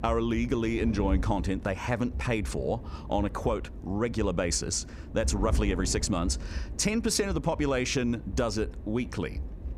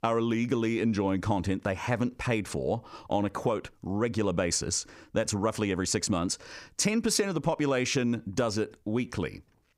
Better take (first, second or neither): second